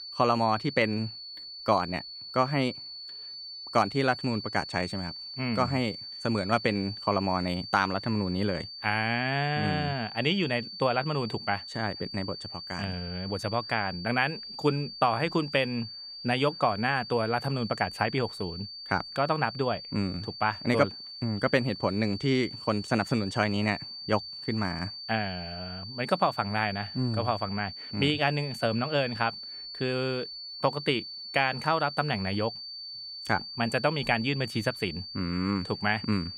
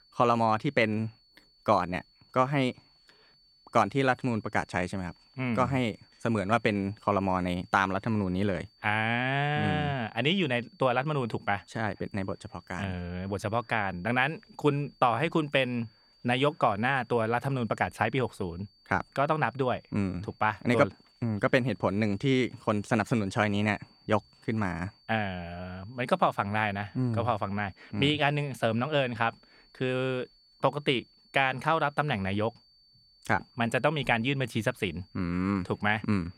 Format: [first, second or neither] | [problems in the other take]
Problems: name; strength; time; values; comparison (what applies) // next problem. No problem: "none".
second | high-pitched whine; loud; throughout; 4.5 kHz, 9 dB below the speech; faint in the second